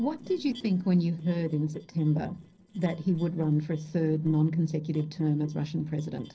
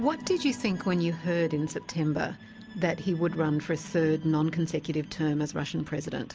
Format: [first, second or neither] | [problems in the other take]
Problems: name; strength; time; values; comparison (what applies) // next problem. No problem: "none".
second | noise reduction (neural separator model SepFormer DNS4)